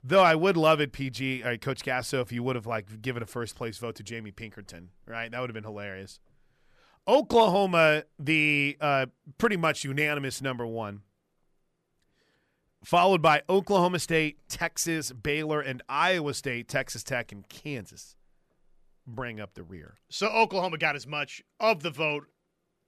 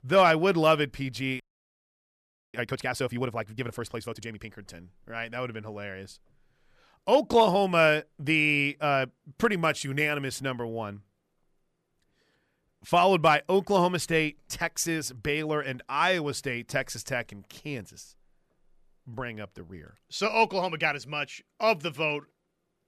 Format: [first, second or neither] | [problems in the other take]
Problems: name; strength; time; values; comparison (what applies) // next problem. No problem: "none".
first | audio freezing; at 1.5 s for 1 s